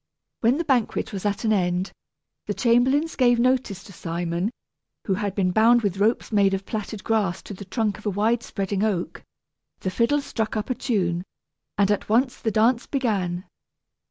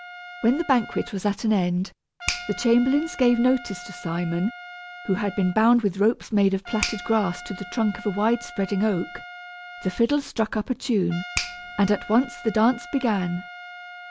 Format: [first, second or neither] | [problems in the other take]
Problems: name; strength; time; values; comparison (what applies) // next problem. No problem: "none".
first | background sound (Trumpet + Finger snapping); 13 dB below the speech